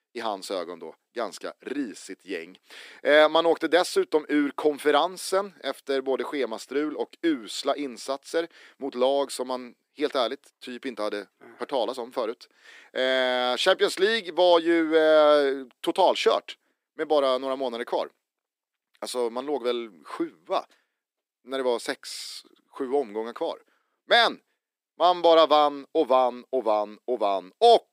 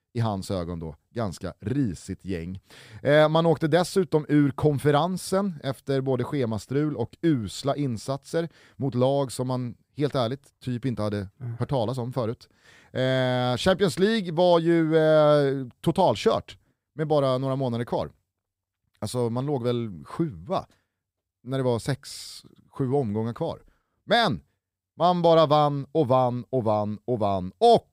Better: second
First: thin; somewhat; fading below 300 Hz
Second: none

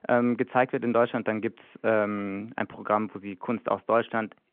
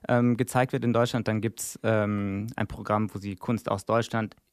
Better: second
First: phone-call audio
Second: none

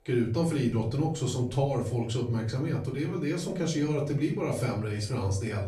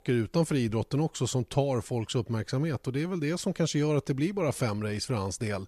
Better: second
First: off-mic speech; far // room echo; slight; dies away in 0.5 s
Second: none

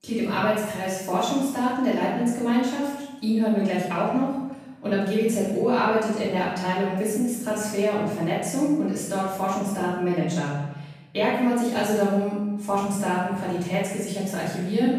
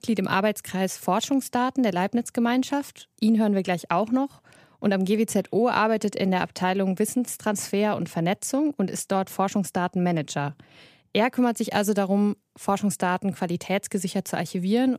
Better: second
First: off-mic speech; far // room echo; strong; dies away in 0.9 s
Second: none

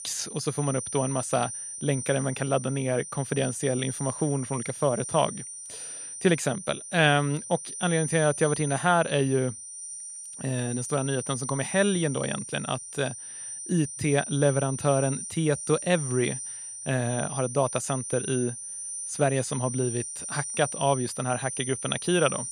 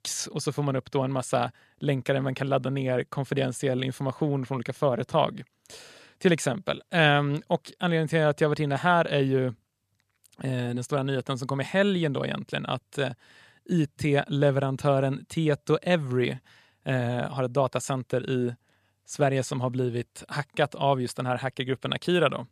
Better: second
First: high-pitched whine; loud; throughout; 9 kHz, 7 dB below the speech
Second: none

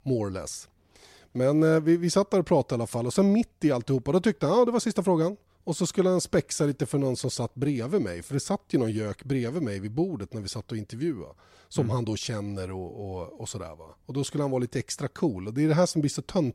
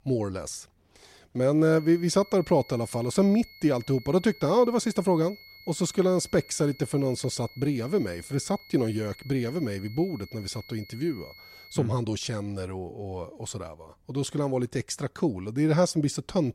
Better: first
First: none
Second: high-pitched whine; faint; from 1.5 to 12 s; 2 kHz, 20 dB below the speech

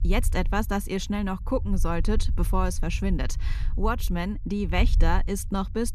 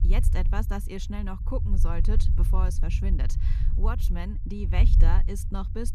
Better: first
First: low rumble; faint; throughout; 20 dB below the speech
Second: low rumble; loud; throughout; 8 dB below the speech

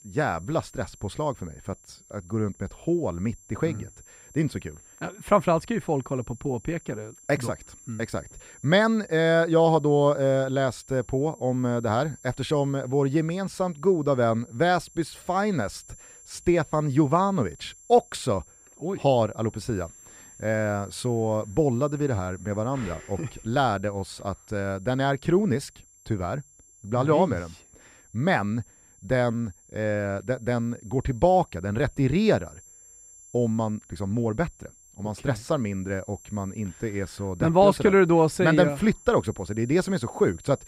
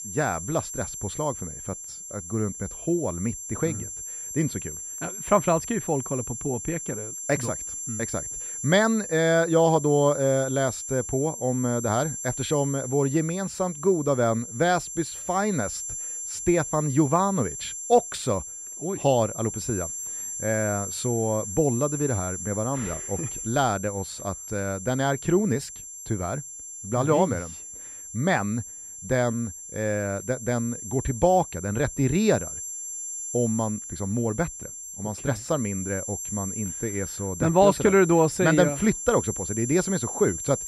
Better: first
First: high-pitched whine; faint; throughout; 7.5 kHz, 25 dB below the speech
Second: high-pitched whine; loud; throughout; 7.5 kHz, 7 dB below the speech

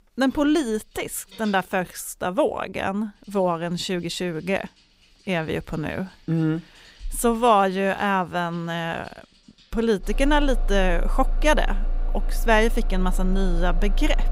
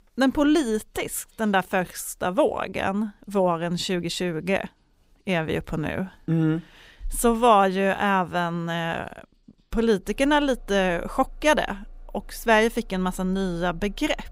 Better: second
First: traffic noise; loud; throughout; 6 dB below the speech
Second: traffic noise; faint; throughout; 25 dB below the speech

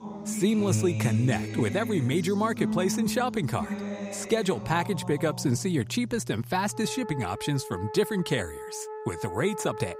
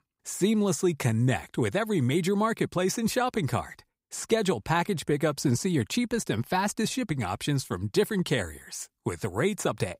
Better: second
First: background music; loud; throughout; 7 dB below the speech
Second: none

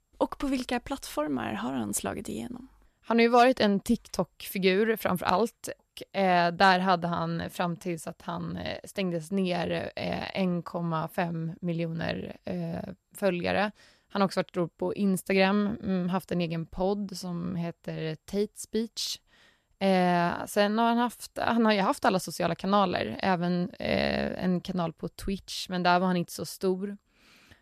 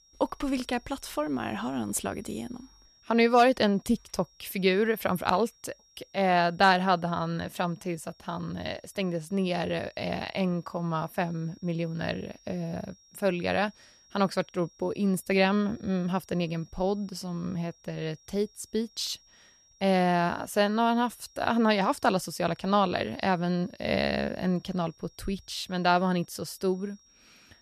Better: first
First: none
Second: high-pitched whine; faint; throughout; 5.5 kHz, 30 dB below the speech

